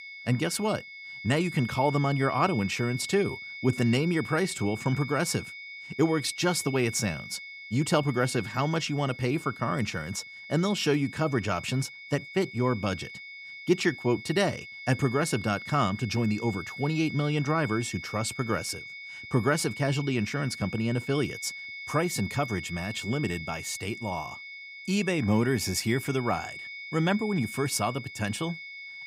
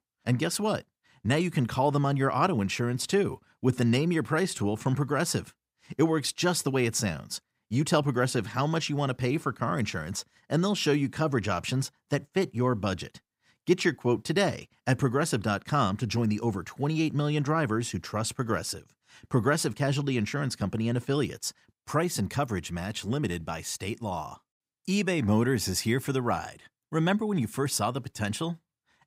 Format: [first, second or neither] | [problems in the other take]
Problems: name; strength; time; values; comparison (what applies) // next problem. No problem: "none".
second | high-pitched whine; noticeable; throughout; 2 kHz, 10 dB below the speech